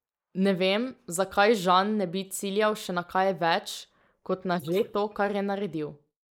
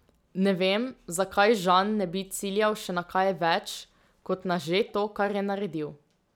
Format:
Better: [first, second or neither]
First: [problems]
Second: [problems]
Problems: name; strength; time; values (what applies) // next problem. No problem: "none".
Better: second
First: noise reduction (neural mask model Resemble Enhance denoiser)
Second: none